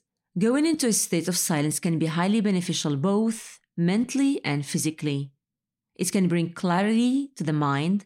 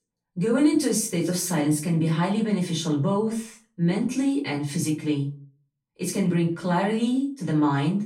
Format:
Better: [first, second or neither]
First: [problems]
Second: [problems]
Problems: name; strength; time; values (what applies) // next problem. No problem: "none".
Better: first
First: none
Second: room echo; slight; dies away in 0.3 s // off-mic speech; far